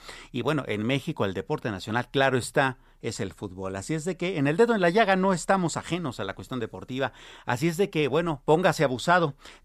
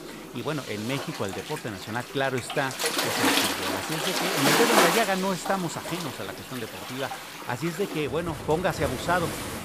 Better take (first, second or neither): first